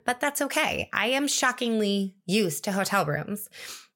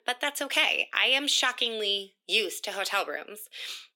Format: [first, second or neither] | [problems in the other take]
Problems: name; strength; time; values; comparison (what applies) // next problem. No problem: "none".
first | thin; somewhat; fading below 300 Hz